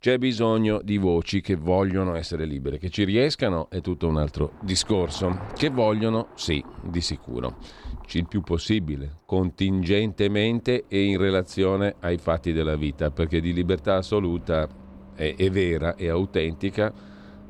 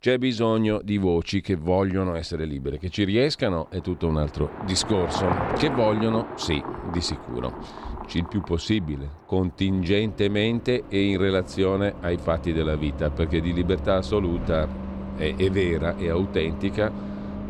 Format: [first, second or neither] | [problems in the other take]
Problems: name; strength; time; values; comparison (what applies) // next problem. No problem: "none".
first | traffic noise; loud; throughout; 9 dB below the speech; faint in the first